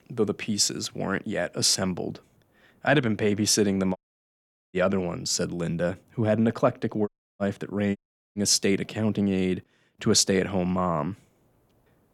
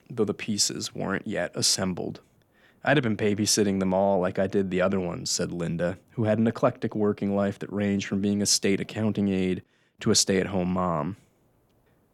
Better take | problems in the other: second | audio cutting out; at 4 s for 1 s, at 7 s and at 8 s

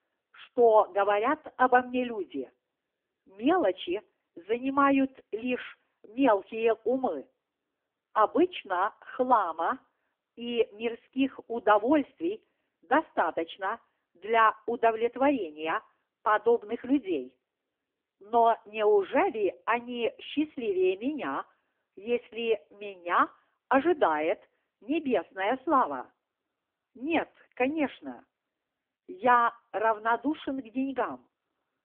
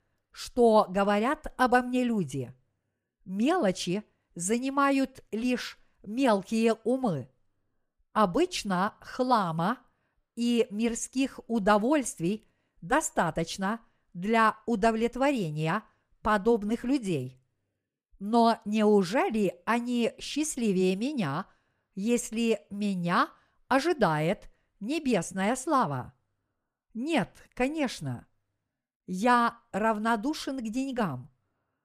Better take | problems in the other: second | phone-call audio; poor line; nothing above 3.5 kHz

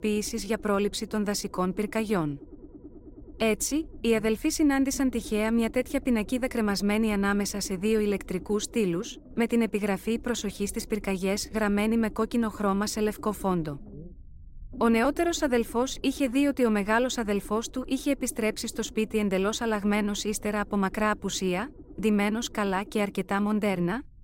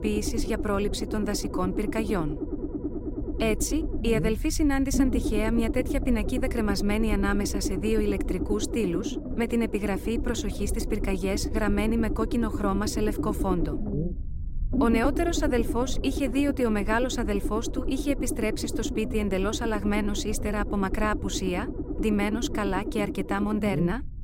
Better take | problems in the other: first | low rumble; loud; throughout; 7 dB below the speech; faint in the first

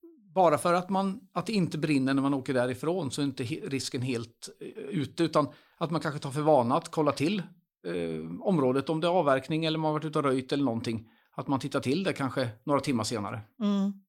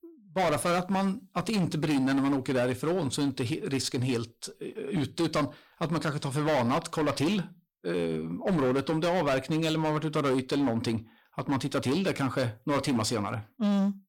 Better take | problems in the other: first | distortion; heavy; 15% of the sound clipped

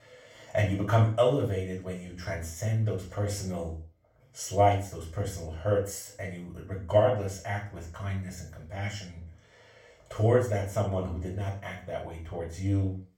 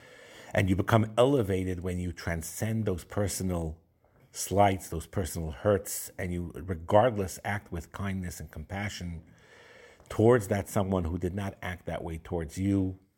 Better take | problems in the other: second | room echo; noticeable; dies away in 0.3 s // off-mic speech; far

